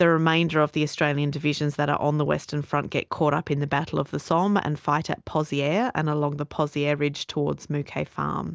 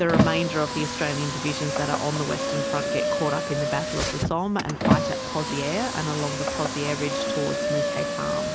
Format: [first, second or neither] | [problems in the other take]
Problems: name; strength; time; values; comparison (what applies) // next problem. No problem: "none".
first | background sound (Car); 1 dB above the speech